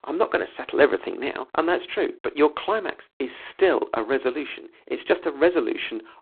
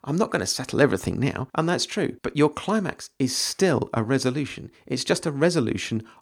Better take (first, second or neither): second